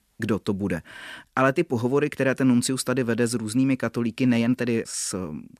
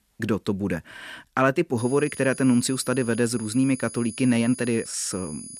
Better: first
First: none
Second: high-pitched whine; noticeable; from 2 s on; 10 kHz, 15 dB below the speech

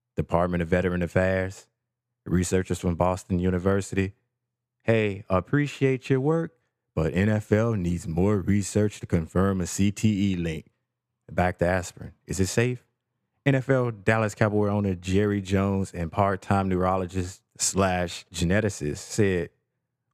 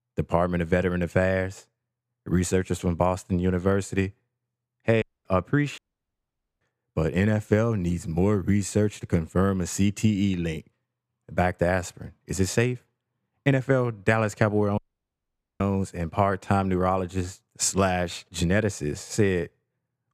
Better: first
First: none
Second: audio cutting out; at 5 s, at 6 s for 1 s and at 15 s for 1 s

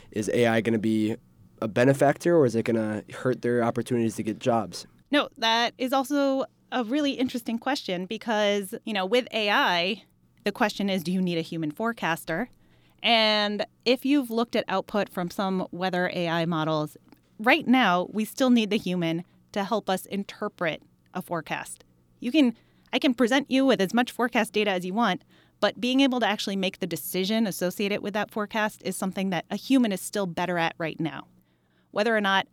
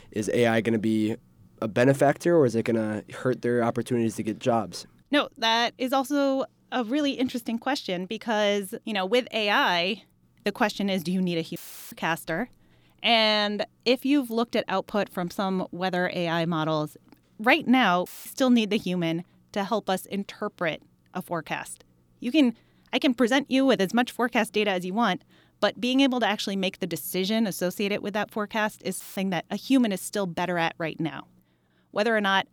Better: first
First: none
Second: audio cutting out; filled with static; at 12 s, at 18 s and at 29 s

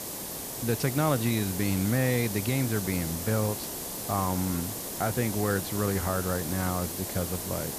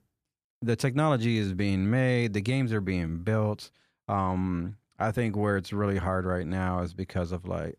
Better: second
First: hiss; loud; throughout; 4 dB below the speech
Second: none

